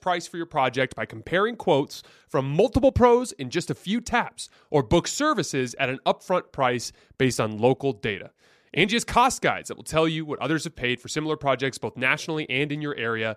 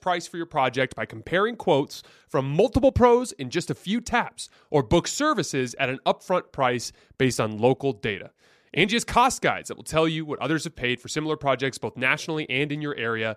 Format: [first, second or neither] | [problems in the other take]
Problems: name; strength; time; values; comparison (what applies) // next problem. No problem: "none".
neither | none